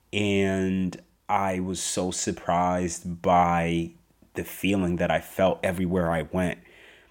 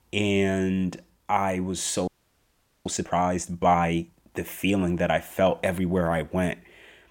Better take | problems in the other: first | audio freezing; at 2 s for 1 s

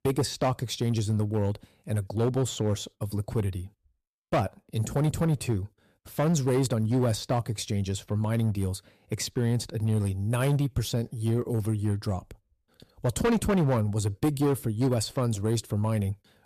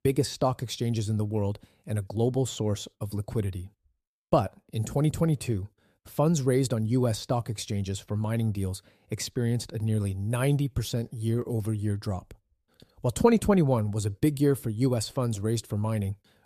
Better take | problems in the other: second | distortion; slight; 7% of the sound clipped

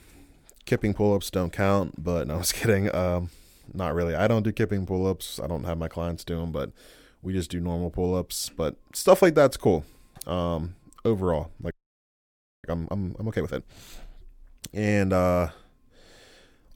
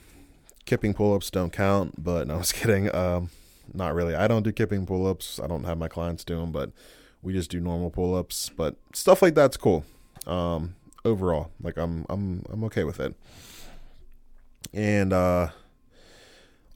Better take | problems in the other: second | audio freezing; at 12 s for 1 s

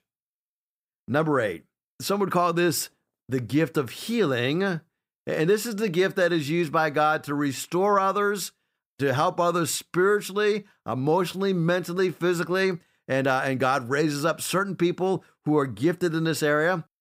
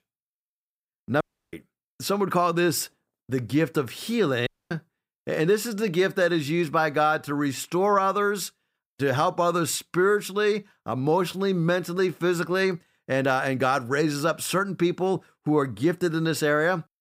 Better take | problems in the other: first | audio cutting out; at 1 s and at 4.5 s

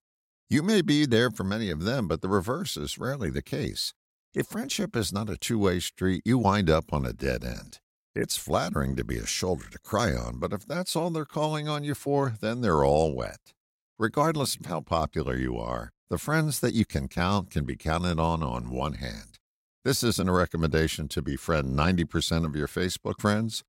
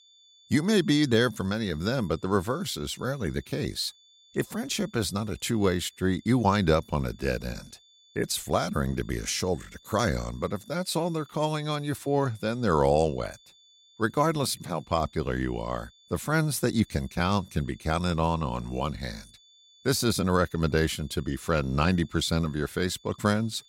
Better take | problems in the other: first | high-pitched whine; faint; throughout; 3.5 kHz, 30 dB below the speech

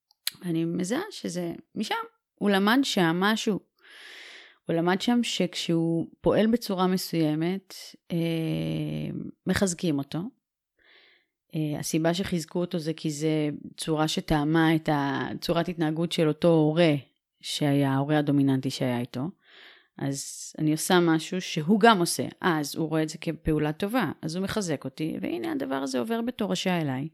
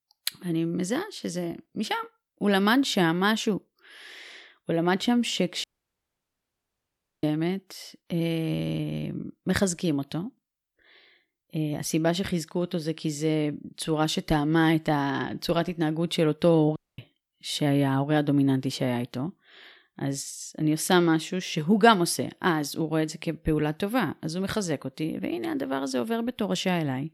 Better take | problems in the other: first | audio cutting out; at 5.5 s for 1.5 s and at 17 s

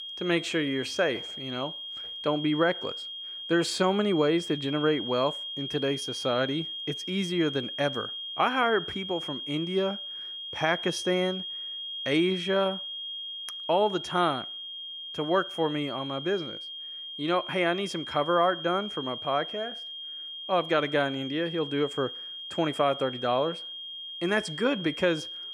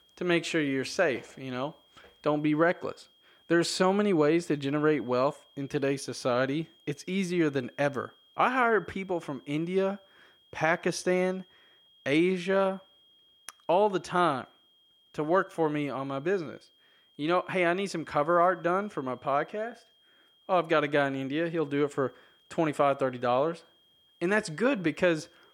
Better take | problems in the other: second | high-pitched whine; loud; throughout; 3 kHz, 7 dB below the speech; faint in the second

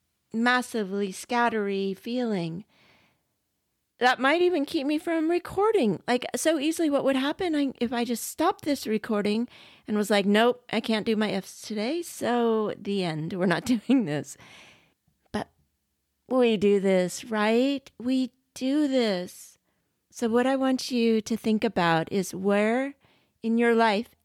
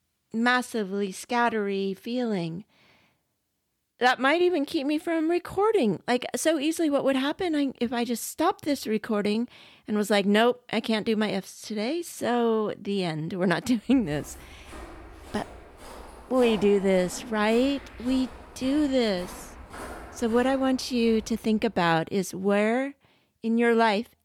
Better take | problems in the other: first | footsteps; faint; from 14 to 22 s; peak 10 dB below the speech

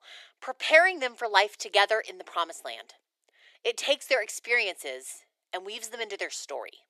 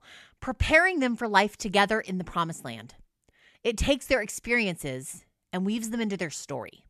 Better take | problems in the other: second | thin; very; fading below 350 Hz

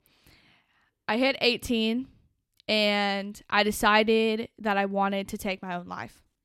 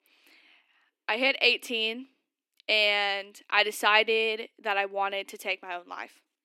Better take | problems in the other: first | thin; somewhat; fading below 300 Hz

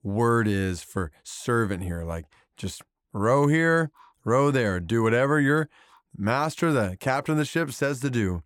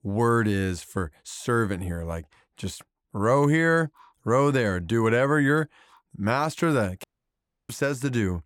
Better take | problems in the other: first | audio cutting out; at 7 s for 0.5 s

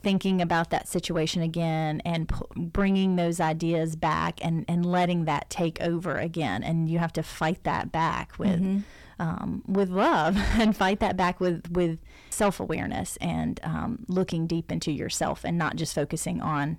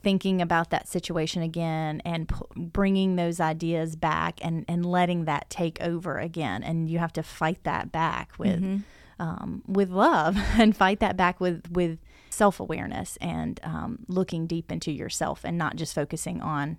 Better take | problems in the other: second | distortion; slight; 10 dB below the speech

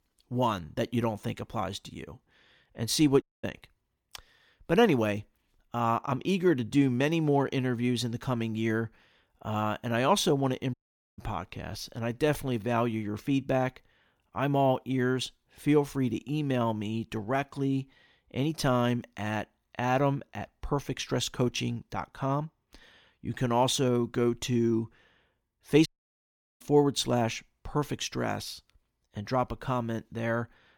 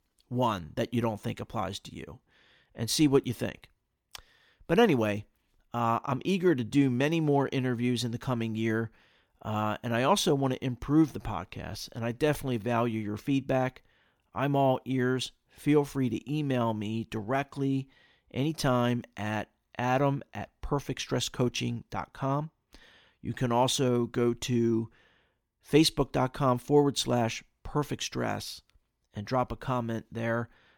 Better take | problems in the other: second | audio cutting out; at 3 s, at 11 s and at 26 s for 0.5 s

